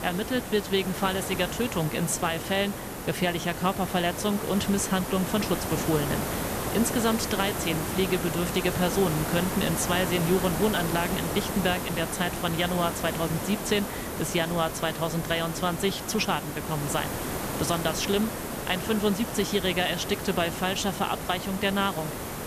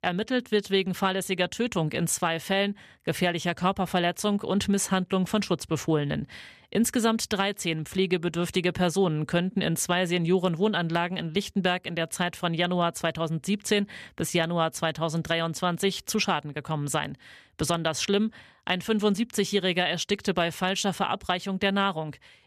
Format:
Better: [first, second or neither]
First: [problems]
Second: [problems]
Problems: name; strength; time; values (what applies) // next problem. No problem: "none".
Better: second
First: hiss; loud; throughout; 4 dB below the speech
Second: none